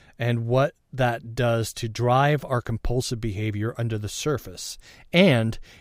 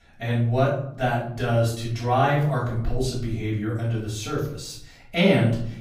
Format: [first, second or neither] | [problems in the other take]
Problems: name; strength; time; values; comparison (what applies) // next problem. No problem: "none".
first | off-mic speech; far // room echo; noticeable; dies away in 0.6 s